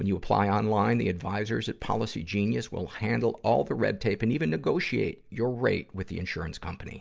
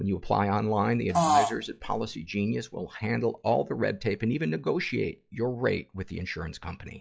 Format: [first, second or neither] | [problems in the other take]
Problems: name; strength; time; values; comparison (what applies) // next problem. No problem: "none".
first | noise reduction (classical method log-MMSE)